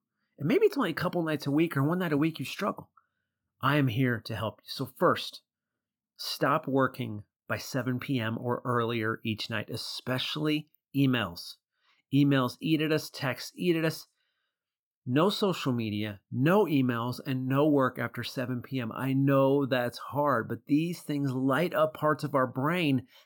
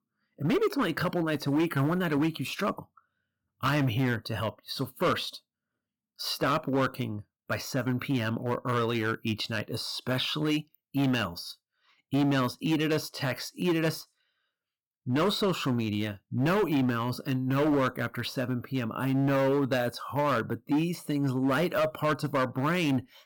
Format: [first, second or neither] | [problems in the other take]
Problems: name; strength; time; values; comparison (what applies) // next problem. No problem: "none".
first | distortion; slight; 9% of the sound clipped